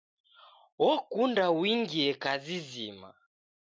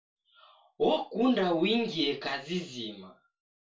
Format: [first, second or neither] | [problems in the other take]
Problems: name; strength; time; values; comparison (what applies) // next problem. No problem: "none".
first | room echo; dies away in 0.2 s